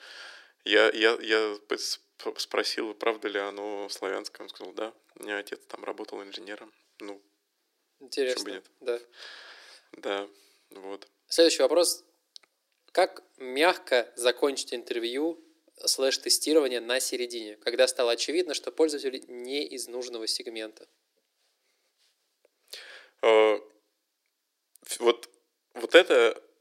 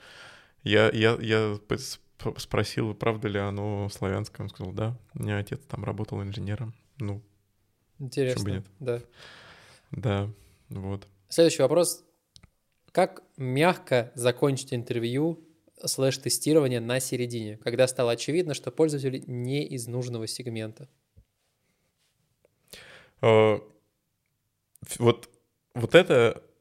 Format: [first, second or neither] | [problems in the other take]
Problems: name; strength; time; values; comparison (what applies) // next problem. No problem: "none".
second | thin; somewhat; fading below 300 Hz